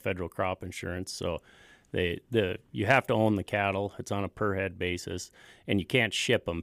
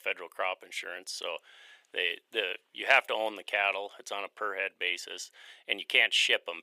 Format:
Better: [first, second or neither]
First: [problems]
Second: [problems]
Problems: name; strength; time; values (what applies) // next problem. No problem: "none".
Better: first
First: none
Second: thin; very; fading below 550 Hz